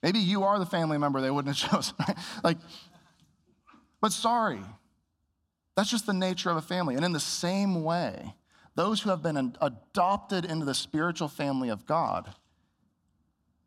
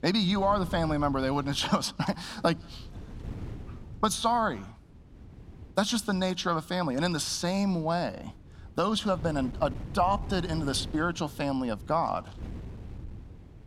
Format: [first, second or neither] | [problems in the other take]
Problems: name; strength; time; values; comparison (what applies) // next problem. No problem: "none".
first | wind noise on the microphone; occasional gusts; 25 dB below the speech